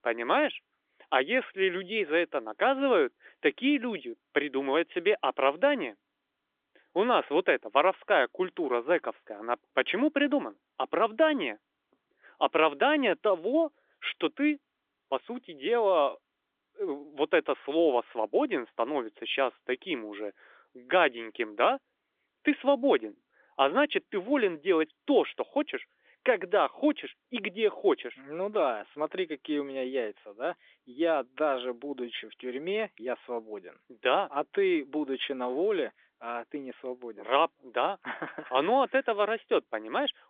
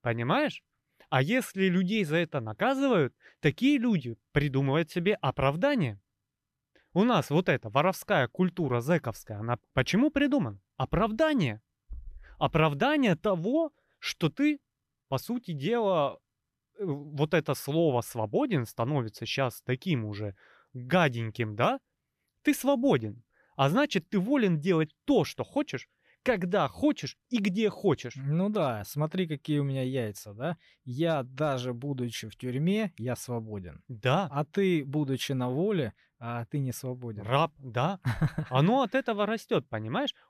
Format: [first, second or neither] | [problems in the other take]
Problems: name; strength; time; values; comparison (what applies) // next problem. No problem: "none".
second | phone-call audio; nothing above 3.5 kHz